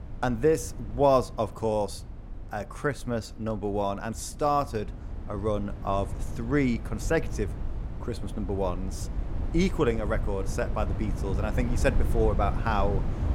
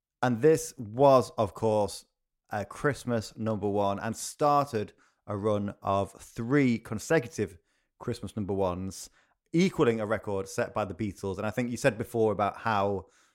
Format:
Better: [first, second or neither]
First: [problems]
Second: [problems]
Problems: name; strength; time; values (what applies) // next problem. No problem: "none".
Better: second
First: wind noise on the microphone; occasional gusts; 15 dB below the speech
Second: none